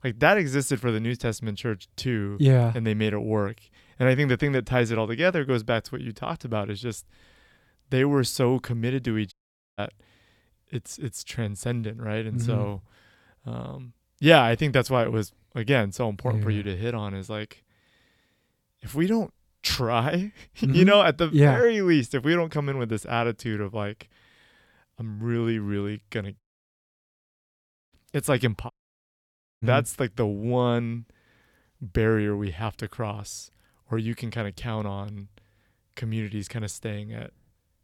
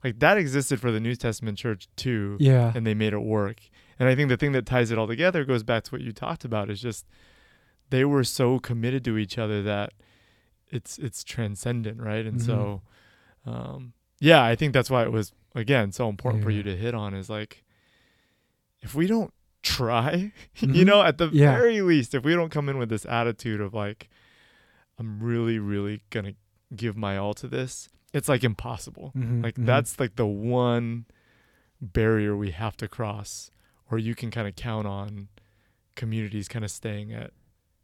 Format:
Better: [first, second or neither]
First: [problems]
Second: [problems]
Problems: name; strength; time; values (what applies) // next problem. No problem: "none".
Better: second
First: audio cutting out; at 9.5 s, at 26 s for 1.5 s and at 29 s for 1 s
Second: none